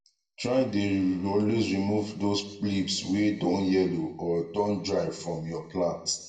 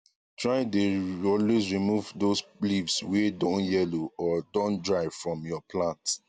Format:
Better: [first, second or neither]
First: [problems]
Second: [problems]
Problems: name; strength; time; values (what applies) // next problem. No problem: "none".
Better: second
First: room echo; dies away in 0.7 s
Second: none